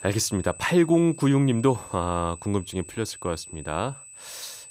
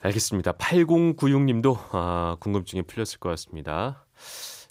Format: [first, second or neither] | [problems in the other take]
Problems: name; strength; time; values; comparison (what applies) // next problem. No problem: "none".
second | high-pitched whine; noticeable; throughout; 8 kHz, 15 dB below the speech